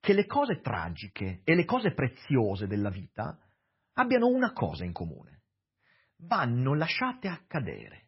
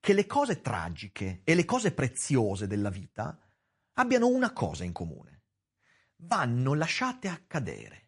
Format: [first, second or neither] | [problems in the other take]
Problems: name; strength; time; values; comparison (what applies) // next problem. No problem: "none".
second | garbled, watery; badly; nothing above 5.5 kHz; slightly in the second